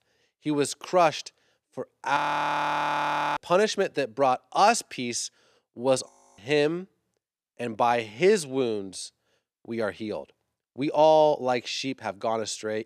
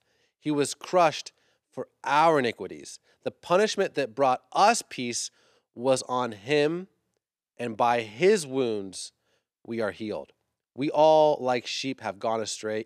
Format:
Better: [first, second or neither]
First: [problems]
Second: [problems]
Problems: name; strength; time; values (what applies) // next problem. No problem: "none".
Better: second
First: audio freezing; at 2 s for 1 s and at 6 s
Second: none